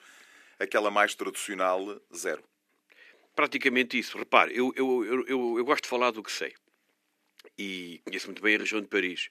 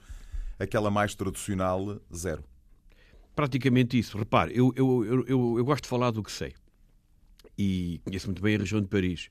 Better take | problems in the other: second | thin; somewhat; fading below 300 Hz

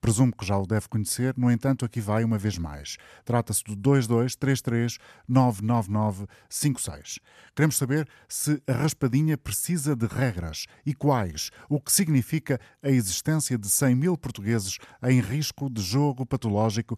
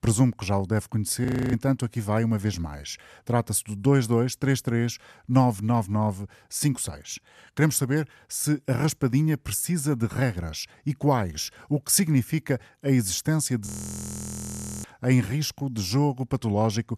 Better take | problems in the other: first | audio freezing; at 1.5 s and at 14 s for 1 s

